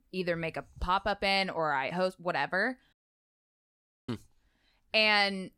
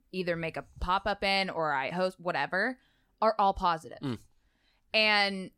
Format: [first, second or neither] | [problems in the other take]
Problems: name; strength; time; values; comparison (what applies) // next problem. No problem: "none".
second | audio cutting out; at 3 s for 1 s